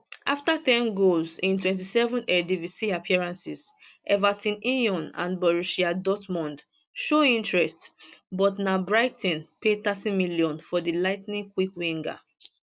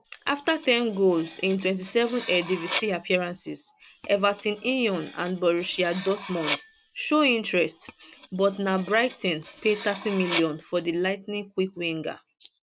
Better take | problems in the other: first | background sound (Cutlery, silverware); 13 dB below the speech

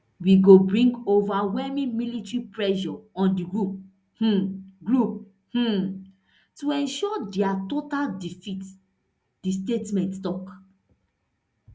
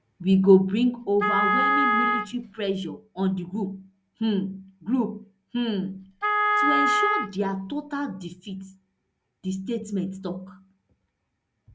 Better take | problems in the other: first | background sound (Wind instrument, woodwind instrument); 2 dB above the speech

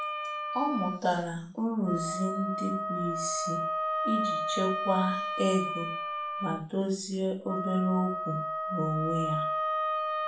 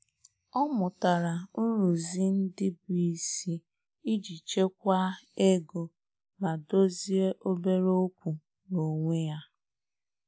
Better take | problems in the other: second | background sound (Wind instrument, woodwind instrument); 1 dB below the speech // room echo; dies away in 0.4 s

